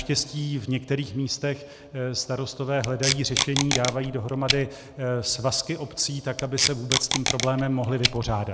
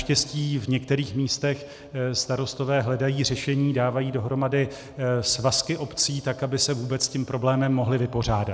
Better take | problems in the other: second | background sound (Packing tape, duct tape); 2 dB below the speech

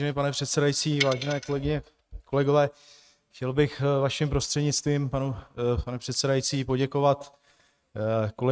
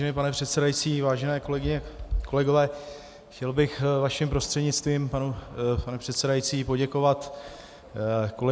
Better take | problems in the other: second | noise reduction (neural mask model RNNoise)

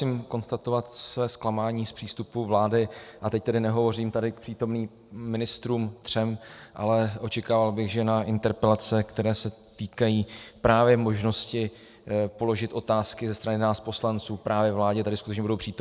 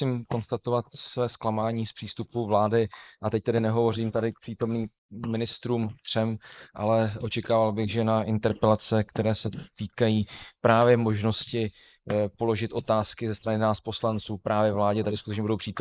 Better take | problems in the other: first | noise reduction (neural mask model Resemble Enhance denoiser)

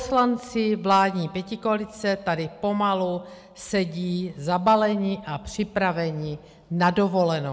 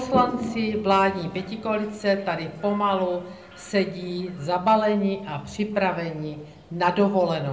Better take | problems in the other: first | background sound (Toilet flush); 14 dB below the speech // room echo; dies away in 0.5 s

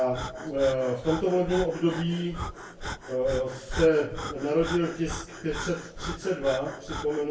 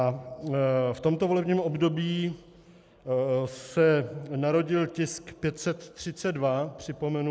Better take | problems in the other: second | background sound (Breathing); 10 dB below the speech // room echo; dies away in 0.3 s

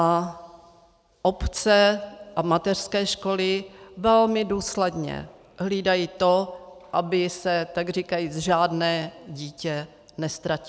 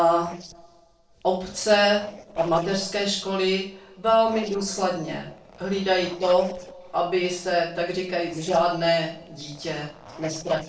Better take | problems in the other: first | noise reduction (neural separator model SepFormer DNS4)

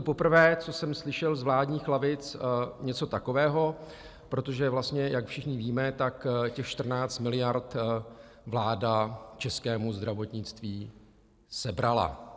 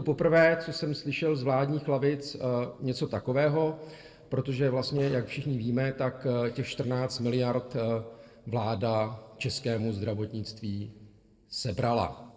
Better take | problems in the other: first | noise reduction (neural separator model SepFormer DNS4)

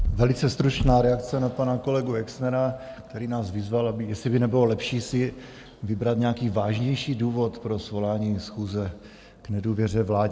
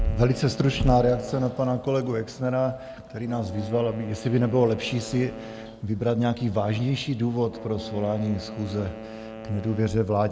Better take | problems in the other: first | background sound (Wind instrument, woodwind instrument); 15 dB below the speech

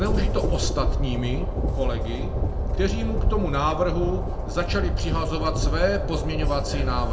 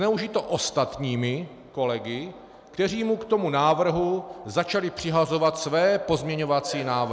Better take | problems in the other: second | background sound (Train); 3 dB above the speech // room echo; dies away in 0.2 s

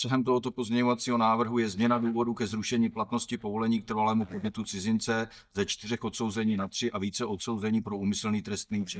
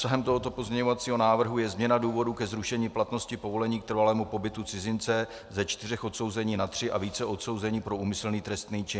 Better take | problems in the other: second | noise reduction (neural mask model DeepFilterNet 3)

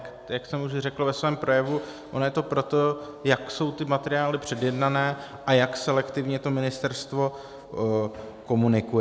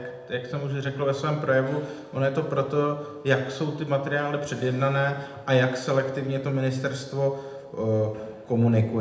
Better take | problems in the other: first | room echo; dies away in 0.7 s

